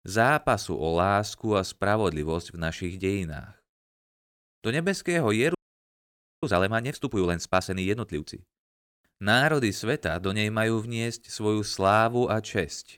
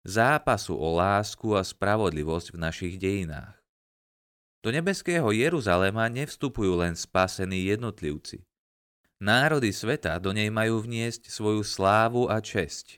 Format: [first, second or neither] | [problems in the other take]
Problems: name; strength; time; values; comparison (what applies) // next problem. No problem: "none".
second | audio freezing; at 5.5 s for 1 s